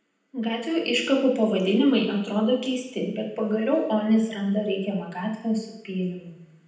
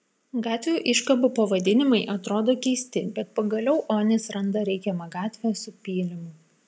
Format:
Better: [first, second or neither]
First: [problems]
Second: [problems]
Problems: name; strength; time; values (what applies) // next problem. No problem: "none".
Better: second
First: room echo; dies away in 0.8 s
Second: none